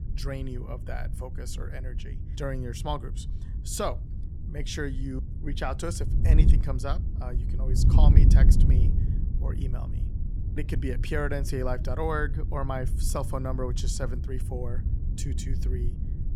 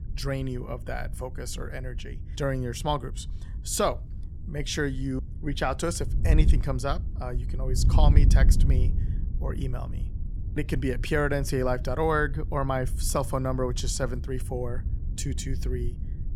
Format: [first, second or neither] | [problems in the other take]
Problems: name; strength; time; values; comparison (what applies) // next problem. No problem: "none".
second | wind noise on the microphone; heavy; 8 dB below the speech; occasional gusts in the second